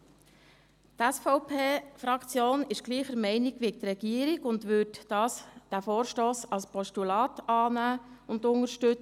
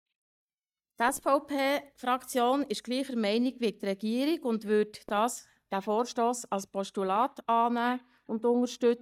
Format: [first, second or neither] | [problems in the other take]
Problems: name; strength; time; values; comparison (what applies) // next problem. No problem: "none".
first | noise reduction (neural mask model DeepFilterNet 3)